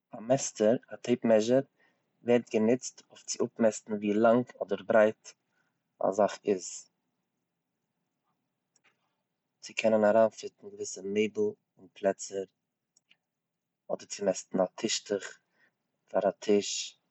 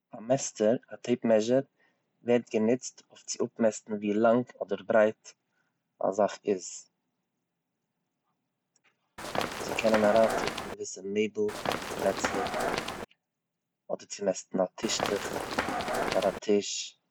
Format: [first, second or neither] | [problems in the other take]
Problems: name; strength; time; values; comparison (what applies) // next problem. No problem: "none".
first | background sound (Run); 2 dB below the speech